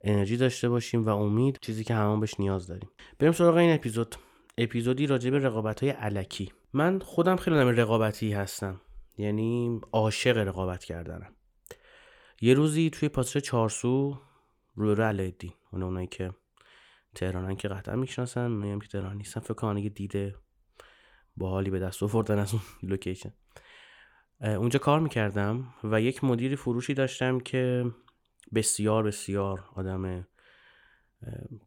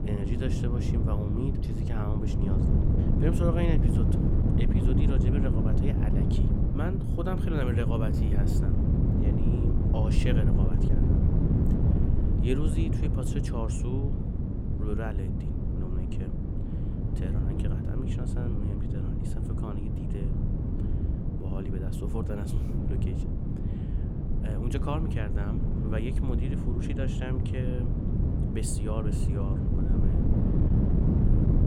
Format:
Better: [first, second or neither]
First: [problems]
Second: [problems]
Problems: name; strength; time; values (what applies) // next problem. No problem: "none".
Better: first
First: none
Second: wind noise on the microphone; heavy; 1 dB above the speech